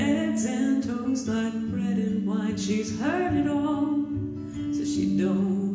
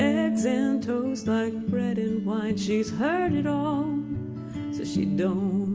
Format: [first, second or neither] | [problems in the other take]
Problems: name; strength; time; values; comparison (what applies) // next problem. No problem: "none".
second | room echo; dies away in 1 s